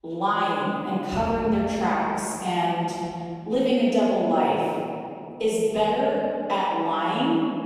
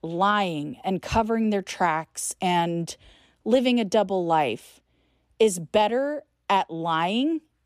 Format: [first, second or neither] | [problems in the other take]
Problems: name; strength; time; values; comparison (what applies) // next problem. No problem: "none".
second | room echo; strong; dies away in 2.2 s // off-mic speech; far